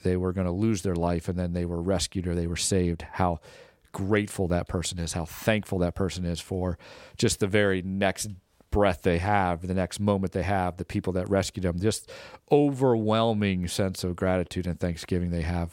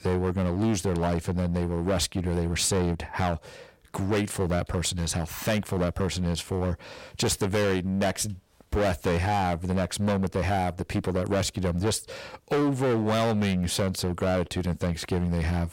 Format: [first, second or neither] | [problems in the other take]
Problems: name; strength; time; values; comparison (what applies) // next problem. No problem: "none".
first | distortion; heavy; 16% of the sound clipped